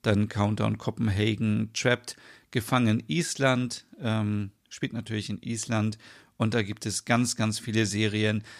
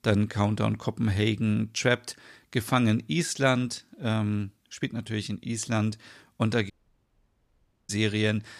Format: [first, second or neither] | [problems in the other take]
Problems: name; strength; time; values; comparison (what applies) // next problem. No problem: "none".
first | audio cutting out; at 6.5 s for 1 s